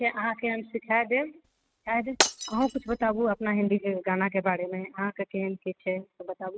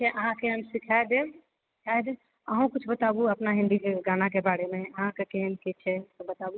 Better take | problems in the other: second | noise reduction (neural mask model RNNoise)

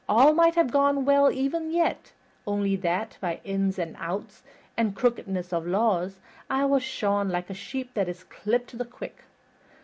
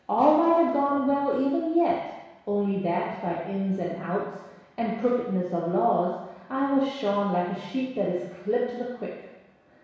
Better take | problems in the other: first | room echo; dies away in 1.1 s

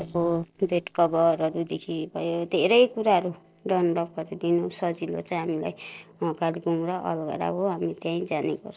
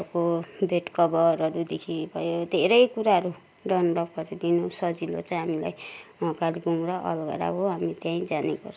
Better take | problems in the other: second | noise reduction (neural separator model SepFormer DNS4)

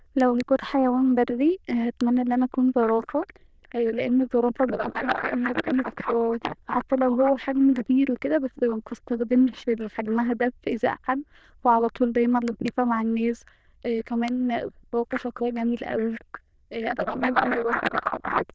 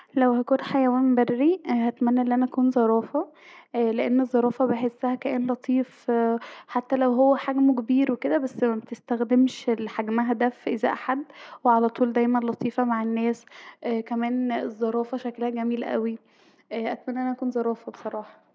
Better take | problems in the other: second | noise reduction (neural diffusion model UNIVERSE++)

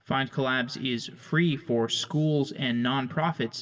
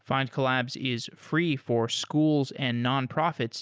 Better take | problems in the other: second | room echo; dies away in 1.5 s

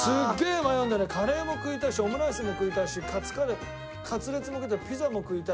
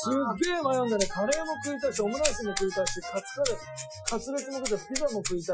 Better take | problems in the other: first | noise reduction (classical method Wiener filter)

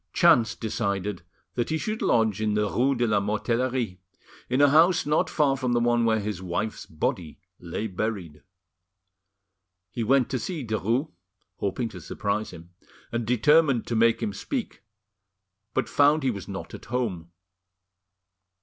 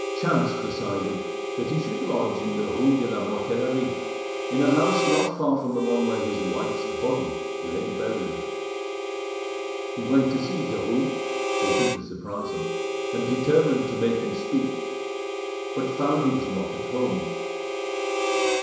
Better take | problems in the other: first | background sound (Harmonica); 2 dB below the speech // room echo; dies away in 1 s

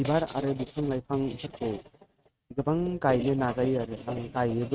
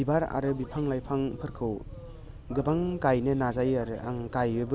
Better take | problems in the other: second | noise reduction (neural mask model RNNoise)

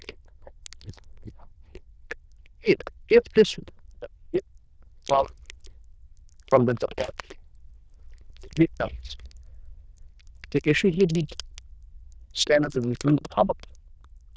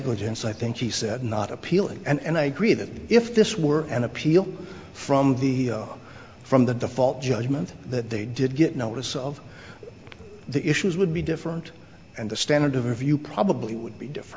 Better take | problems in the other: second | noise reduction (neural diffusion model UNIVERSE++)

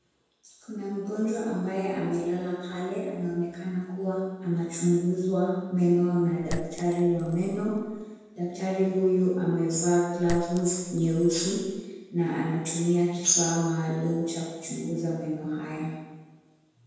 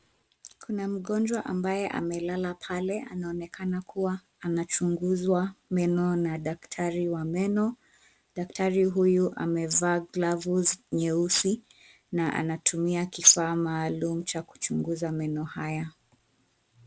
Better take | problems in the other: second | background sound (Chink, clink); 11 dB below the speech // room echo; dies away in 1.2 s

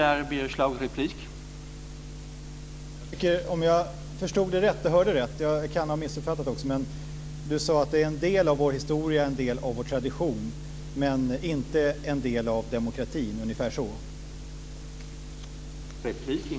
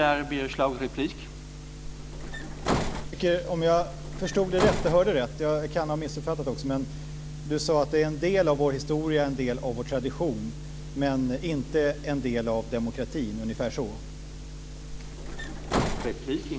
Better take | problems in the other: first | background sound (Bus); 4 dB below the speech

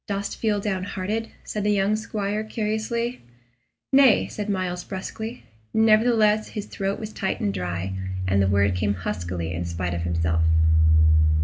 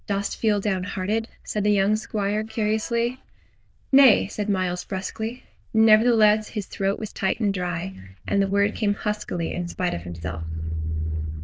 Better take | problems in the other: first | noise reduction (neural diffusion model UNIVERSE++)

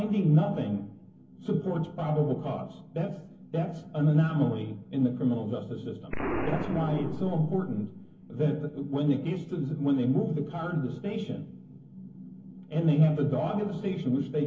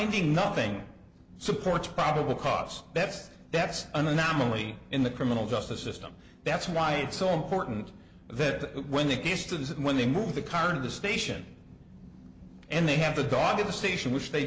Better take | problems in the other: second | background sound (Explosion); 13 dB below the speech // room echo; dies away in 0.3 s

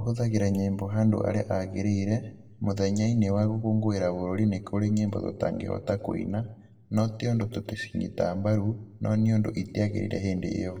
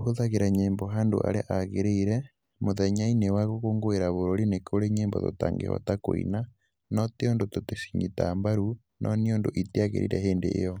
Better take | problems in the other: second | room echo; dies away in 0.6 s

